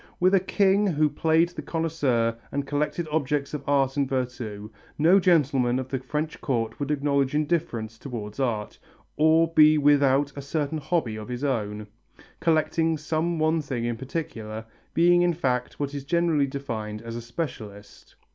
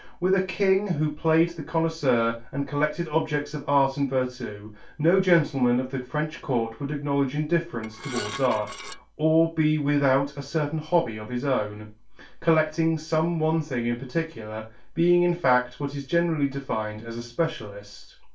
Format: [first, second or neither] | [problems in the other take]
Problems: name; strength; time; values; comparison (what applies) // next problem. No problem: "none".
first | background sound (Dishes, pots, and pans / Glass); 12 dB below the speech // room echo; dies away in 0.2 s